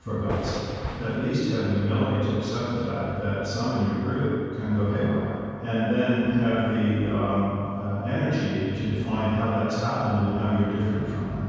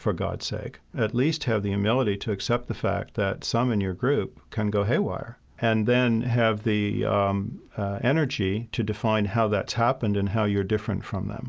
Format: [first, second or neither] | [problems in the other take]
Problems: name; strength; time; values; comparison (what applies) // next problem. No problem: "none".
second | background sound (Thunder); 9 dB below the speech // room echo; dies away in 2.1 s